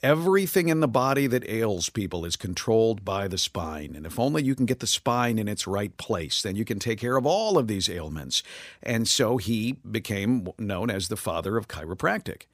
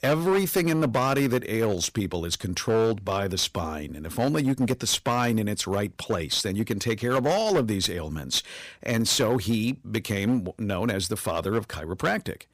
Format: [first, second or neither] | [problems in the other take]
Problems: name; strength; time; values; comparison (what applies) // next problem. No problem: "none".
first | distortion; slight; 8% of the sound clipped